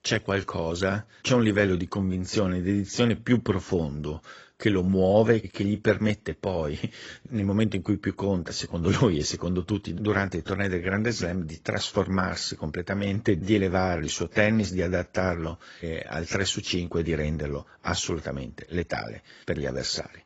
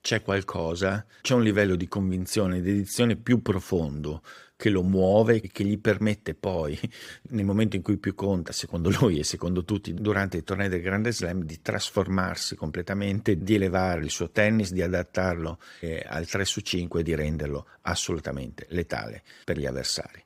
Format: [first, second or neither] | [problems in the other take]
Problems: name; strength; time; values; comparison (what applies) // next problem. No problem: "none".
second | garbled, watery; badly; nothing above 7.5 kHz